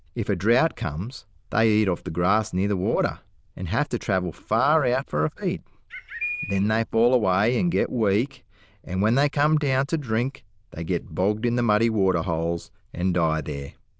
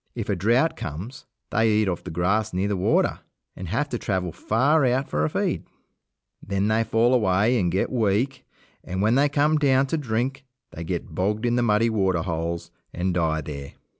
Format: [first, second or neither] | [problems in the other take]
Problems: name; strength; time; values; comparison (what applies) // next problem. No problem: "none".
second | noise reduction (neural diffusion model UNIVERSE++)